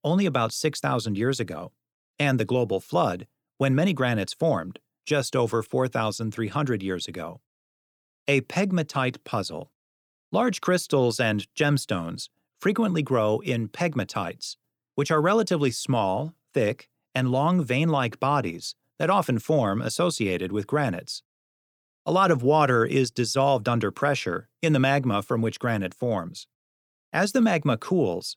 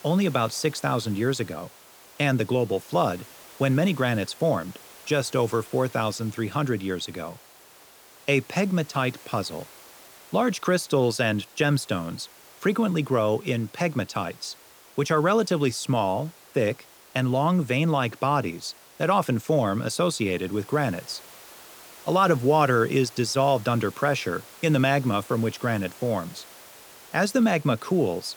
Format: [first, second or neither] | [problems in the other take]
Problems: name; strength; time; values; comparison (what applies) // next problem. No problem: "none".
first | hiss; faint; throughout; 20 dB below the speech